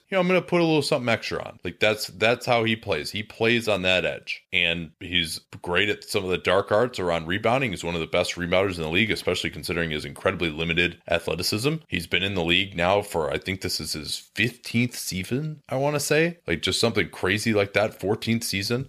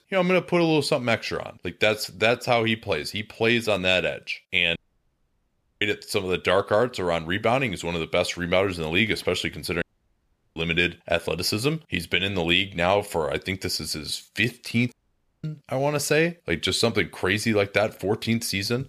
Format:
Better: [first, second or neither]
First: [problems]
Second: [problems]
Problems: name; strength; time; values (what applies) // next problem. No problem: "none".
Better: first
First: none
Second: audio cutting out; at 5 s for 1 s, at 10 s for 0.5 s and at 15 s for 0.5 s